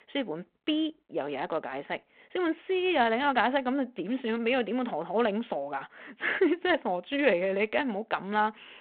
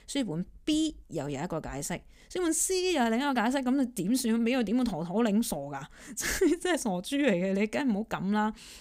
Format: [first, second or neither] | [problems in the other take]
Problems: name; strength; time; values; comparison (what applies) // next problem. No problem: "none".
second | phone-call audio